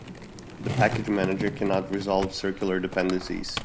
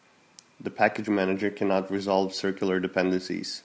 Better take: second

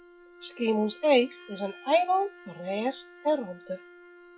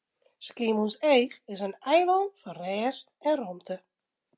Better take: second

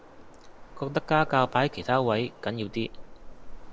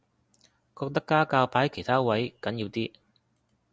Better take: second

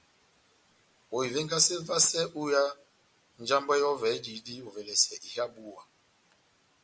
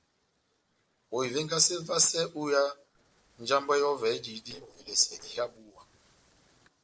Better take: first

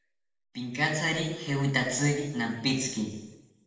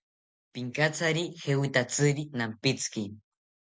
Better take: second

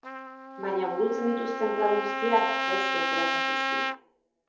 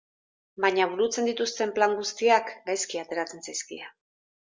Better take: second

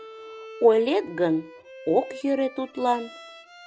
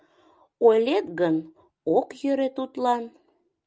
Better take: second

